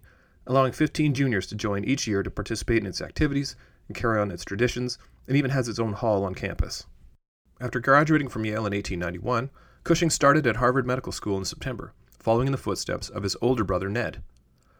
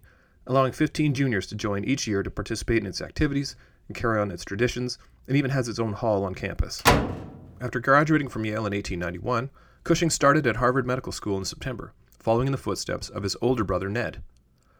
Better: first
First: none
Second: door banging; loud; at 7 s; peak 5 dB above the speech

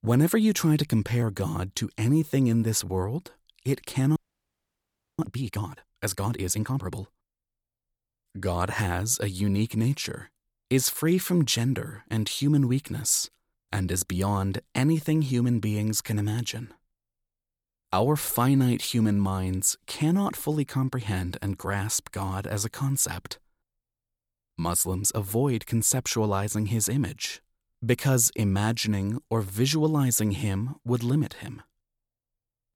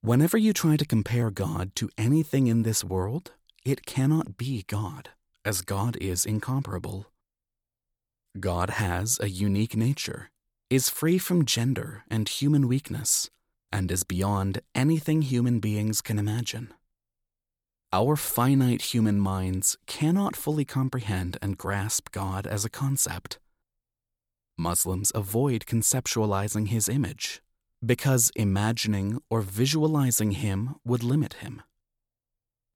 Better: second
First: audio freezing; at 4 s for 1 s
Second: none

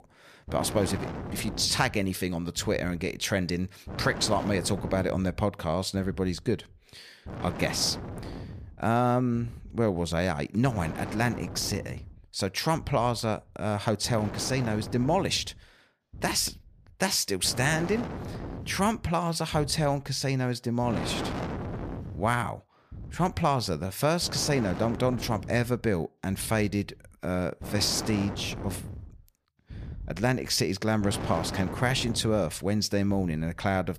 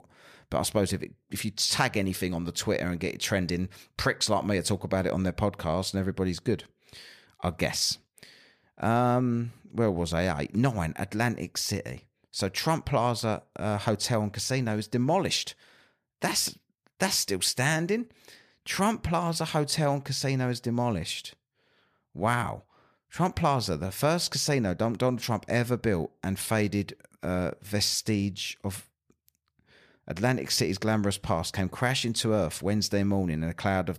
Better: second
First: wind noise on the microphone; occasional gusts; 10 dB below the speech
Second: none

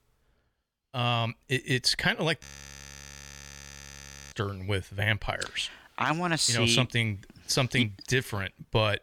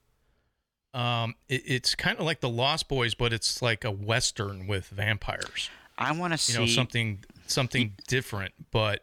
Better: second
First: audio freezing; at 2.5 s for 2 s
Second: none

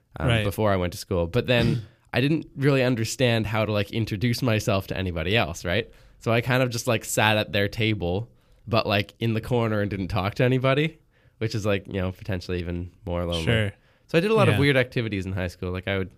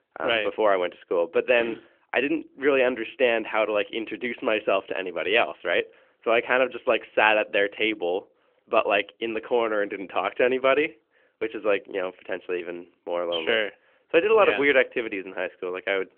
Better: first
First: none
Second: phone-call audio; nothing above 3 kHz

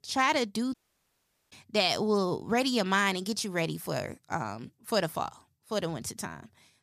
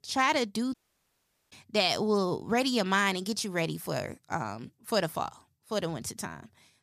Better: neither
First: audio cutting out; at 0.5 s for 1 s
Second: audio cutting out; at 0.5 s for 1 s

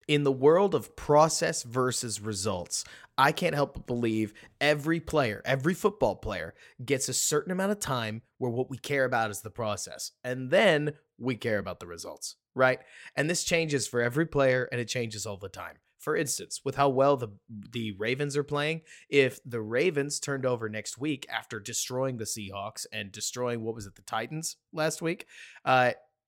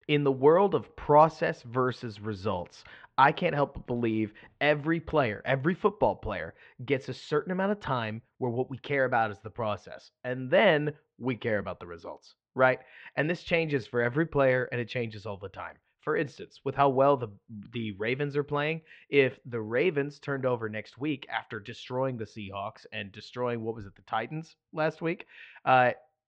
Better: first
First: none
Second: muffled; very; fading above 3.5 kHz

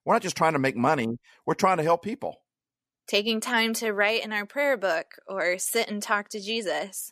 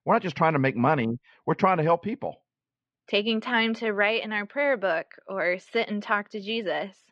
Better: first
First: none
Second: muffled; slightly; fading above 3.5 kHz

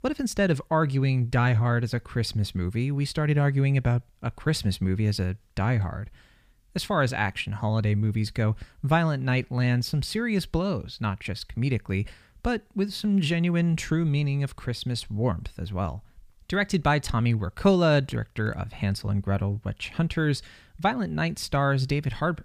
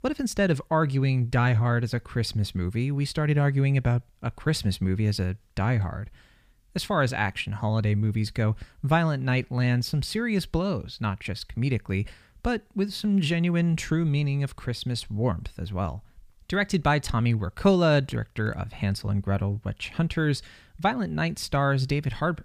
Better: neither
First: none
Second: none

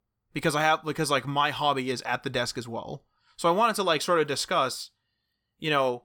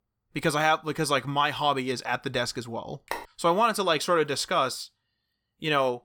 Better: first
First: none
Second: phone ringing; faint; at 3 s; peak 10 dB below the speech

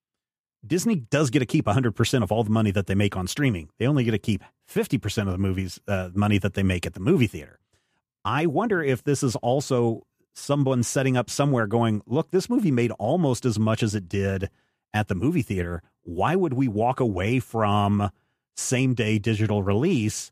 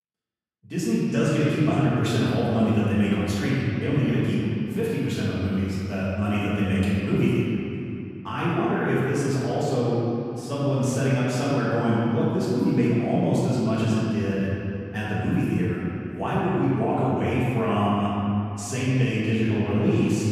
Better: first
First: none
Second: off-mic speech; far // room echo; strong; dies away in 2.7 s

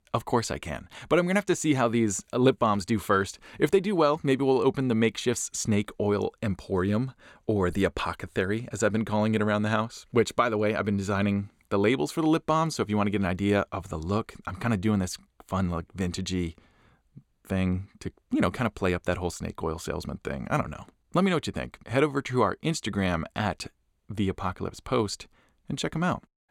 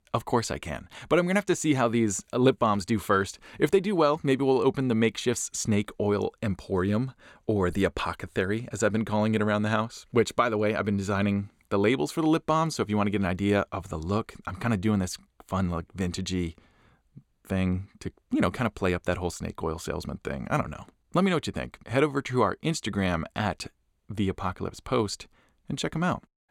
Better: neither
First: none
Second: none

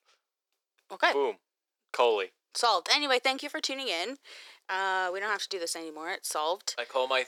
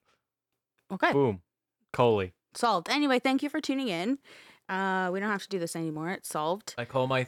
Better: second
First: thin; very; fading below 400 Hz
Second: none

